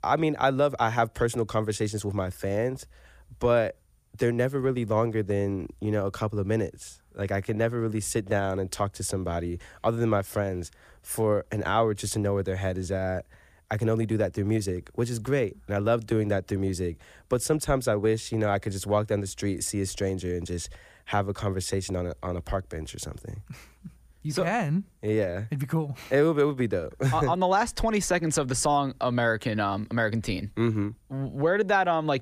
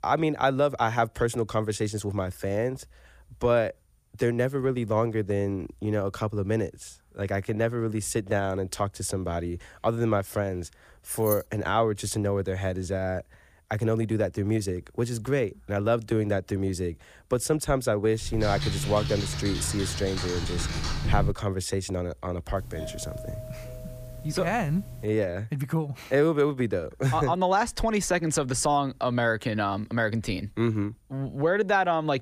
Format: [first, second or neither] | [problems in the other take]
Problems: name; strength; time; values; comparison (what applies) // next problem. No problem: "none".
first | jangling keys; noticeable; at 11 s; peak 6 dB below the speech // keyboard typing; noticeable; from 18 to 21 s; peak 1 dB below the speech // doorbell; faint; from 23 to 25 s; peak 10 dB below the speech